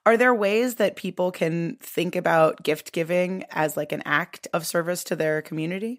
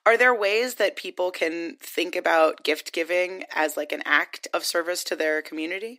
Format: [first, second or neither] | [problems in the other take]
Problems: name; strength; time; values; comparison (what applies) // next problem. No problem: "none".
first | thin; somewhat; fading below 300 Hz